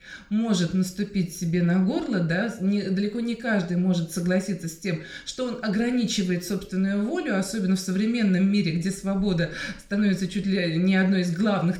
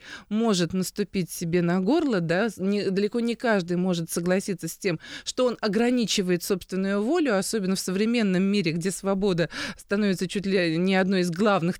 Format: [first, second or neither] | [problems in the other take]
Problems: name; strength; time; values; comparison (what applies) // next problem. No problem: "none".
second | room echo; very slight; dies away in 0.4 s